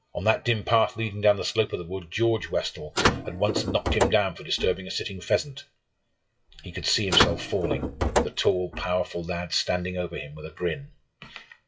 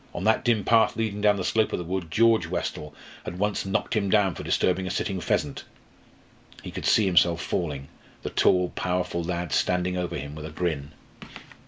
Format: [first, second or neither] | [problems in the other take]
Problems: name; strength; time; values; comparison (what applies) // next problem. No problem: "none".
second | noise reduction (classical method WPE with log-MMSE)